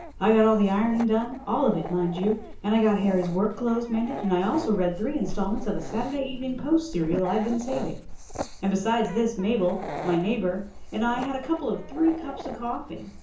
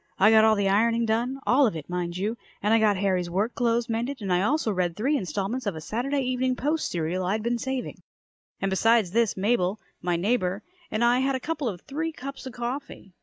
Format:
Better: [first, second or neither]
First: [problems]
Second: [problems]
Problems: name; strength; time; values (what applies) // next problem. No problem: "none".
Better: second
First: background sound (Dog); 10 dB below the speech // room echo; dies away in 0.6 s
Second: none